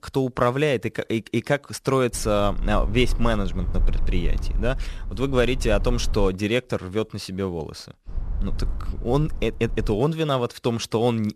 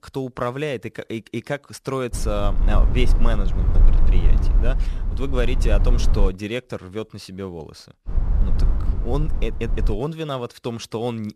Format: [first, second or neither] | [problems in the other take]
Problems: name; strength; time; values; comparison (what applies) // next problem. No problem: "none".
first | low rumble; loud; from 2 to 6.5 s and from 8 to 10 s; 10 dB below the speech; faint in the first